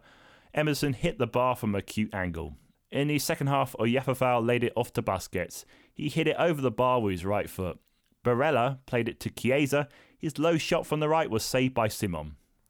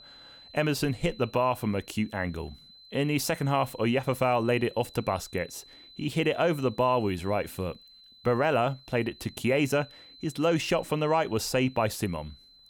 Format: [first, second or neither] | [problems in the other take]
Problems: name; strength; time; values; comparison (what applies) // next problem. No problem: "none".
first | high-pitched whine; faint; throughout; 4 kHz, 20 dB below the speech